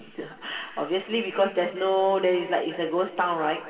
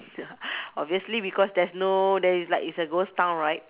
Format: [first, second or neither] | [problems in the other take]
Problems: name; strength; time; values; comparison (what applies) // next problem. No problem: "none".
second | room echo; dies away in 2.4 s